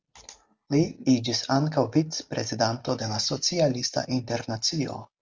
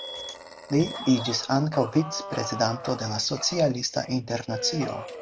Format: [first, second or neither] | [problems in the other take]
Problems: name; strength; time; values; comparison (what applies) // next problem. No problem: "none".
first | background sound (Alarm + Dog); 11 dB below the speech